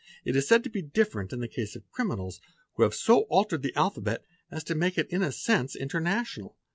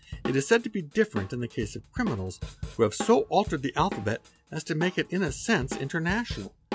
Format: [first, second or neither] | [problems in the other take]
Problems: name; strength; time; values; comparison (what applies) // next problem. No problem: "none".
first | background sound (Drum kit); 11 dB below the speech